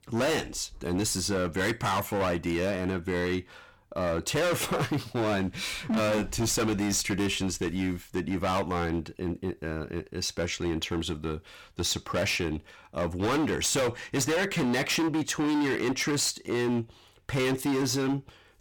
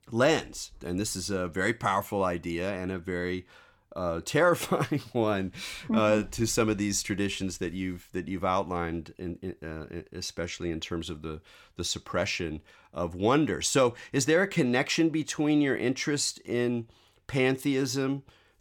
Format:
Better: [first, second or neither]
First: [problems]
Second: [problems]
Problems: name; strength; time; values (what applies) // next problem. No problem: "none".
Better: second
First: distortion; heavy; 19% of the sound clipped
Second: none